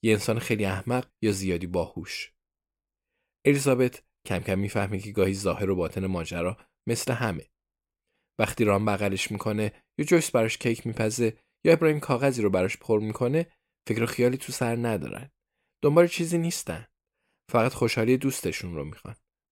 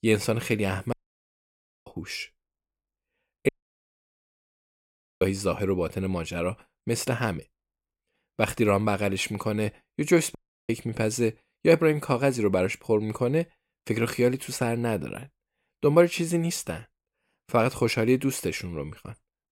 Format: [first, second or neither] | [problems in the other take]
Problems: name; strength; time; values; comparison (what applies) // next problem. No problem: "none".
first | audio cutting out; at 1 s for 1 s, at 3.5 s for 1.5 s and at 10 s